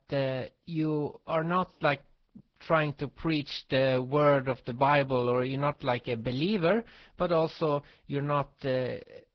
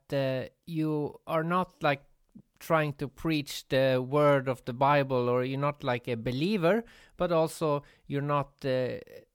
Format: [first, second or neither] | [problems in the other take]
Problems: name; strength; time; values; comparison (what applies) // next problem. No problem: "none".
second | garbled, watery; badly